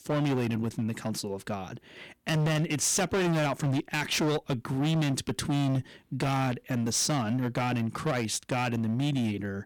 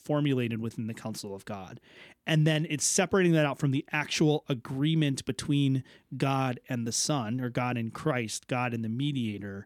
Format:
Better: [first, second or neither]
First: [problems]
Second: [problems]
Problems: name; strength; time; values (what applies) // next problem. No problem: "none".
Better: second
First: distortion; heavy; 21% of the sound clipped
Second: none